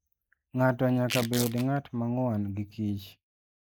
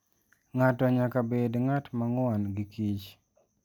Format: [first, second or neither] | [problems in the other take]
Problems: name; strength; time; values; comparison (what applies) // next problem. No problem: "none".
second | noise reduction (neural mask model Resemble Enhance denoiser)